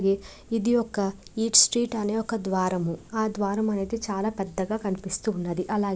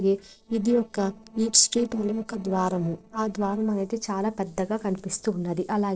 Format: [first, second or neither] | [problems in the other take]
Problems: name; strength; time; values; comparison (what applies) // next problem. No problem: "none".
first | noise reduction (neural separator model SepFormer DNS4)